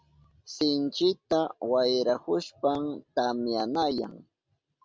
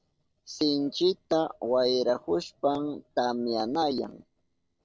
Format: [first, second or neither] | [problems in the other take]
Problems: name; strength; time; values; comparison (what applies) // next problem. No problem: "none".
first | noise reduction (neural separator model SepFormer DNS4)